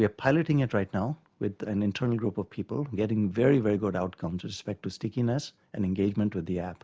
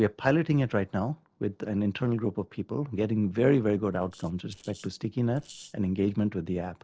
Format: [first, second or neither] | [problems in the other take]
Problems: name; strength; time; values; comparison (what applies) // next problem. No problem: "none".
first | noise reduction (neural separator model SepFormer DNS4)